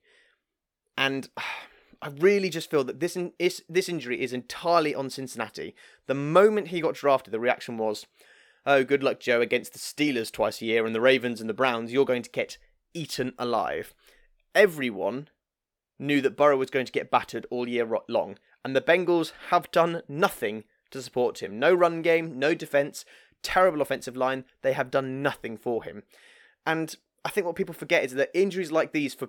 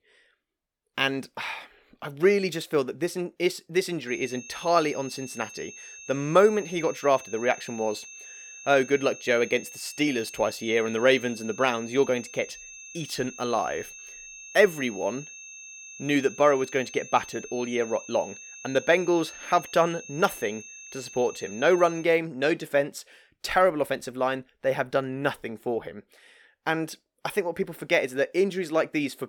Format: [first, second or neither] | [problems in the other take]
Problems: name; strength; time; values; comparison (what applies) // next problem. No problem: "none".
first | high-pitched whine; noticeable; from 4 to 22 s; 6.5 kHz, 15 dB below the speech